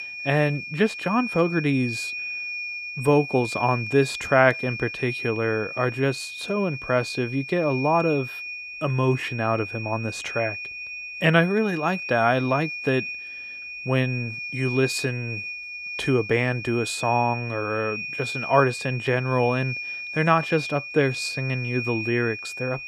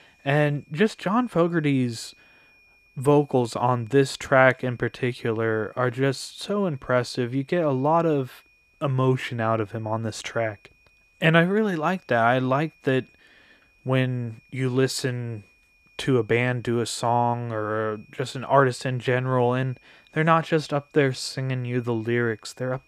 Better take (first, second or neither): second